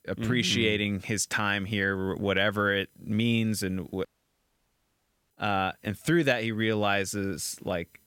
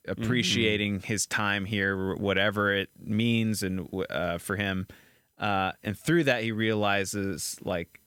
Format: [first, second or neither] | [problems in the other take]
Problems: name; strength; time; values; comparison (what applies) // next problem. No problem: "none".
second | audio cutting out; at 4 s for 1.5 s